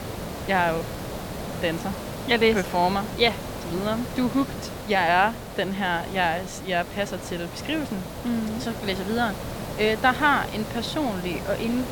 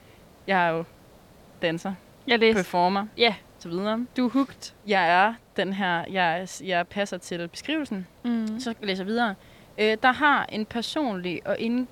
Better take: second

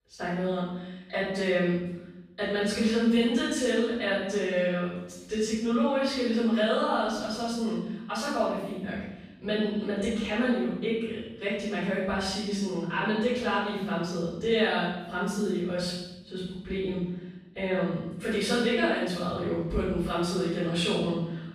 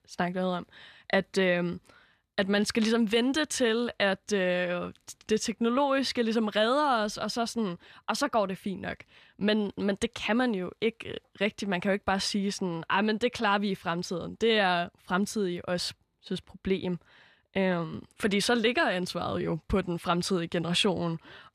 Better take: second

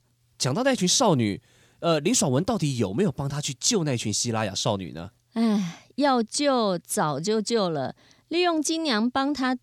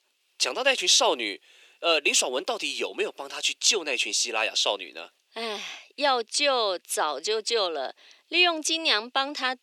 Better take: first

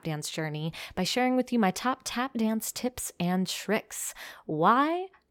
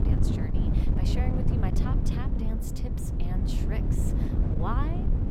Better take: first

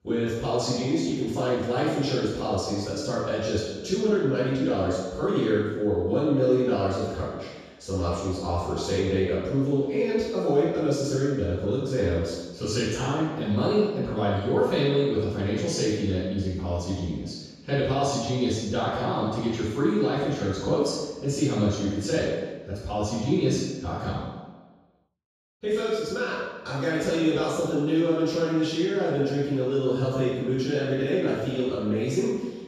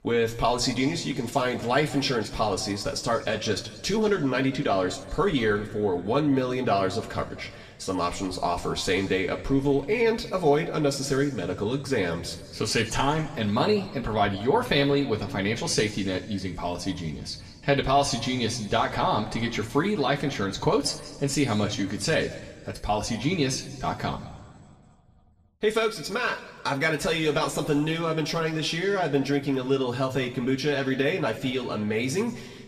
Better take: second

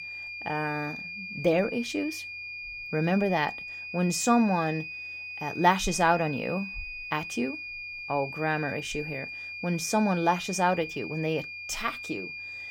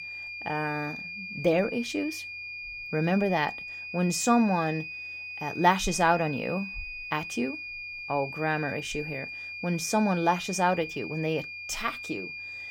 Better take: neither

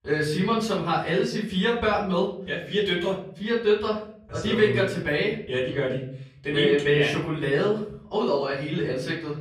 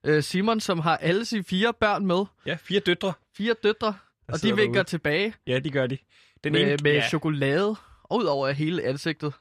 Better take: second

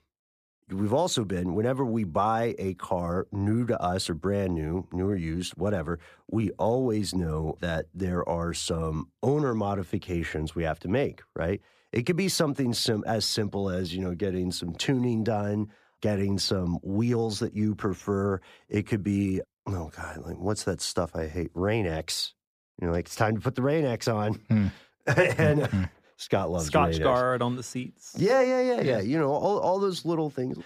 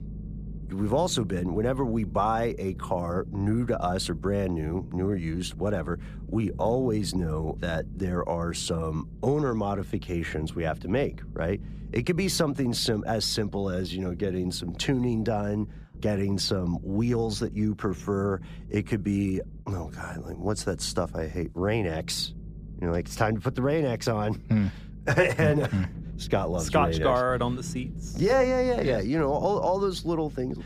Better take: first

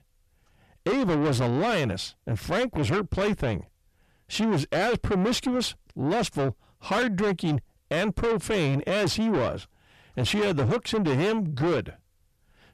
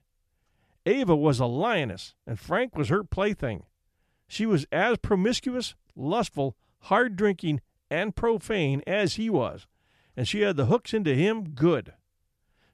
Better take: second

